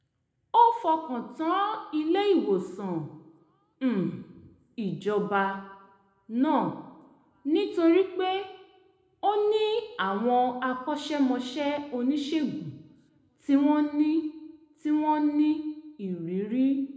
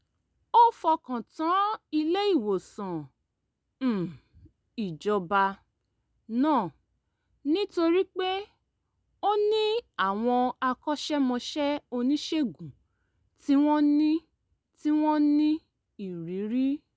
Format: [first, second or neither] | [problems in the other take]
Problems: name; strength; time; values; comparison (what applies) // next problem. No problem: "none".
second | room echo; dies away in 0.8 s